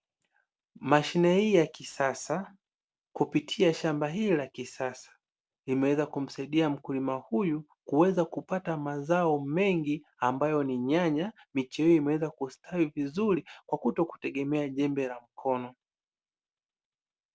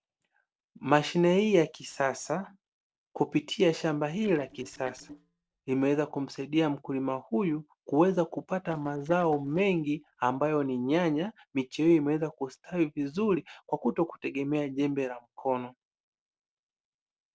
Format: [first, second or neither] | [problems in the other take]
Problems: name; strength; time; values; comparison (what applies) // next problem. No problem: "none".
first | noise reduction (neural separator model SepFormer DNS4)